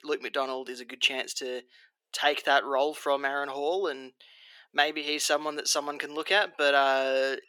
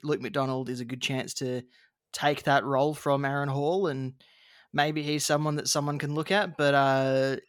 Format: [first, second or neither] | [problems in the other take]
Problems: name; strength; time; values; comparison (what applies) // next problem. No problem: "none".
second | thin; somewhat; fading below 350 Hz